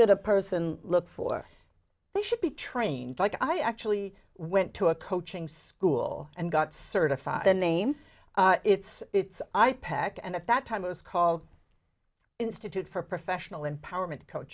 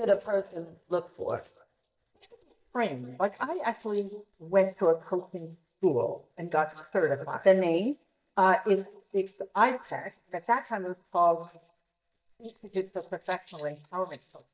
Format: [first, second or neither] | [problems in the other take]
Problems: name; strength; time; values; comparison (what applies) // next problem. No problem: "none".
first | noise reduction (neural mask model DeepFilterNet 3)